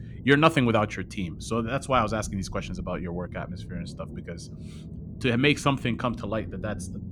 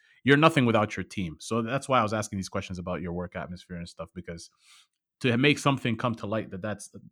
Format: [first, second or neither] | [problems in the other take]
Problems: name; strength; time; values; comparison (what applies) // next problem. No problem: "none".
second | low rumble; faint; throughout; 25 dB below the speech